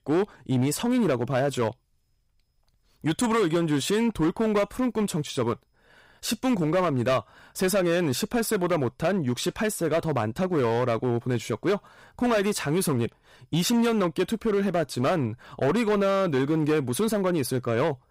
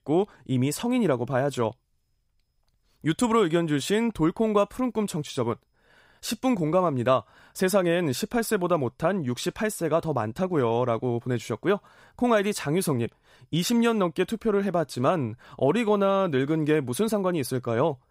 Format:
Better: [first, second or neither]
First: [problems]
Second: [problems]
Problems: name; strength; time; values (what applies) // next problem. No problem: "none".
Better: second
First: distortion; slight; 11% of the sound clipped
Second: none